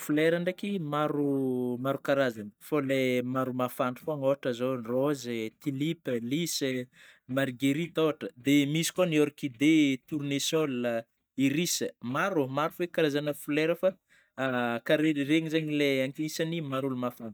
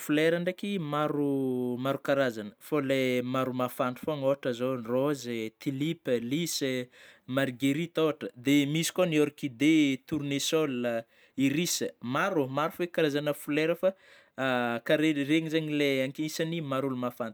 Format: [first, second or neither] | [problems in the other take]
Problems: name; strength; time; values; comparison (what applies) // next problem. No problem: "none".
second | noise reduction (neural mask model DeepFilterNet 3)